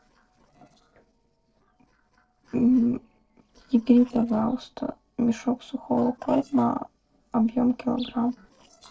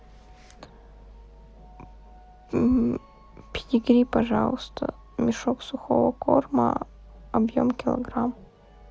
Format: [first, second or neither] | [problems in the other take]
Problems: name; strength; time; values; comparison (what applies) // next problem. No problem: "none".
second | noise reduction (neural separator model SepFormer DNS4)